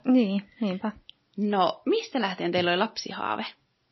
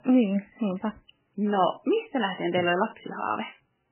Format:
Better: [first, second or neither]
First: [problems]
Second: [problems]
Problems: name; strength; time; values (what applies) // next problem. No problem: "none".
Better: first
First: garbled, watery; slightly; nothing above 6 kHz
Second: garbled, watery; badly; nothing above 3 kHz